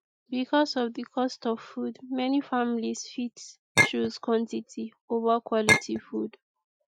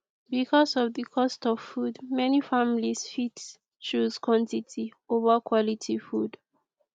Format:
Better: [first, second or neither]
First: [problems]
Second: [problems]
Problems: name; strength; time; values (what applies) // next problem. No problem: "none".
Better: second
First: noise reduction (classical method Wiener filter)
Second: none